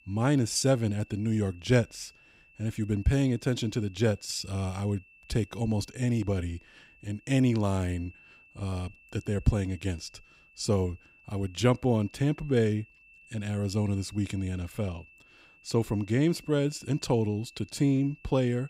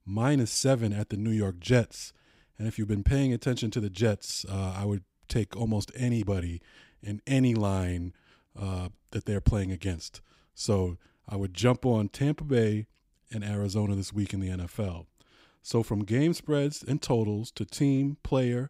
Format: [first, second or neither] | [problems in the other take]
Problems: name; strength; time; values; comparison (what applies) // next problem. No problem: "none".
second | high-pitched whine; faint; throughout; 2.5 kHz, 25 dB below the speech